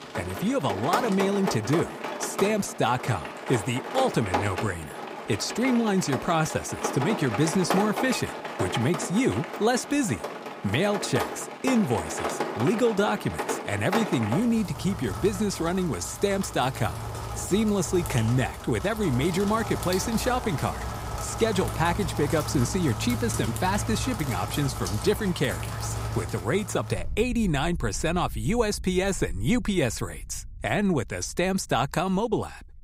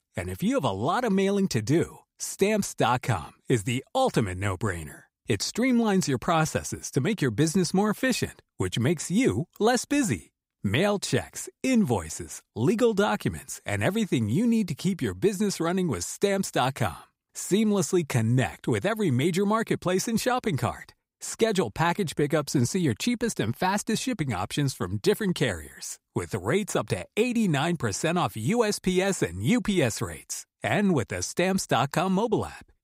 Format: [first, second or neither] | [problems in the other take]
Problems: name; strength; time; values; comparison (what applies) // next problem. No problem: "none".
second | rain or running water; loud; throughout; 7 dB below the speech